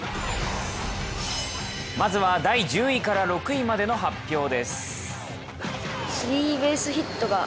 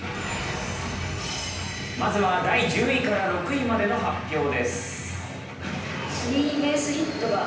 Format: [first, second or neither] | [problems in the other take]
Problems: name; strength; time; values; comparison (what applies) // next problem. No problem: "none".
first | room echo; dies away in 0.9 s